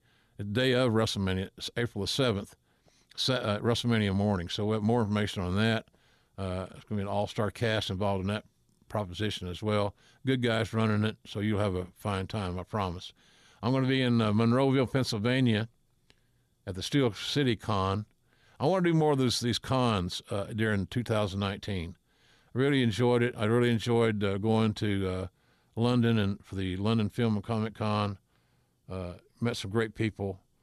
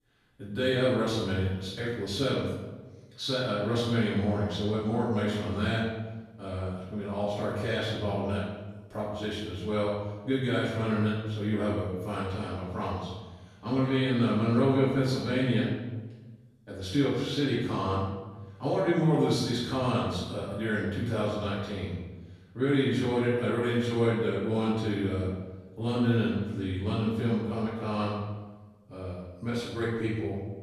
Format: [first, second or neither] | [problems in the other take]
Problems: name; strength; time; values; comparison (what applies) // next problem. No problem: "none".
first | room echo; noticeable; dies away in 1.1 s // off-mic speech; far